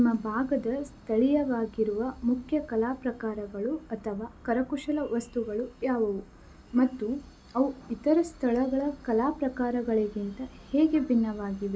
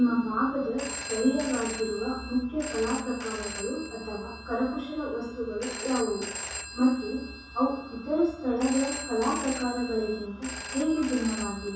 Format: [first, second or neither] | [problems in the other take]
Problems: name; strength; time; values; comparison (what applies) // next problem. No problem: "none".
first | background sound (Telephone); 10 dB below the speech // room echo; dies away in 0.7 s